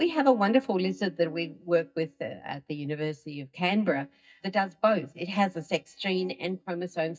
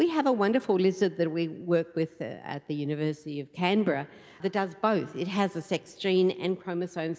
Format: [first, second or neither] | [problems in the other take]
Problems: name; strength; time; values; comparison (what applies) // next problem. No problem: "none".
second | noise reduction (neural mask model DeepFilterNet 3)